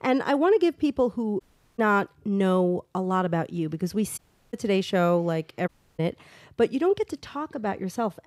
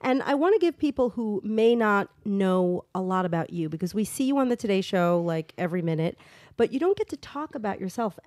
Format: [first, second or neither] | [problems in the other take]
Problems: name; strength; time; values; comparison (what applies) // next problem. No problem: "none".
second | audio cutting out; at 1.5 s, at 4 s and at 5.5 s